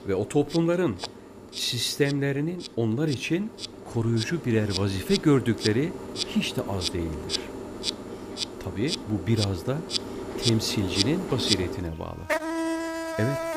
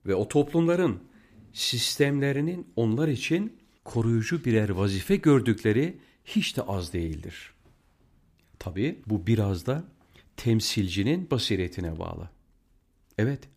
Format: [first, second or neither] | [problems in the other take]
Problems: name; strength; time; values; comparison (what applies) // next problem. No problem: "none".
second | animal sounds; loud; throughout; 5 dB below the speech